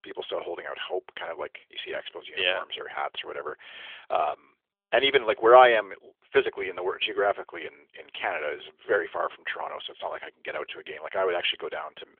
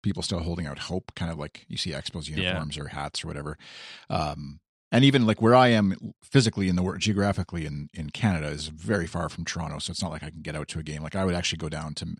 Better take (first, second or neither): second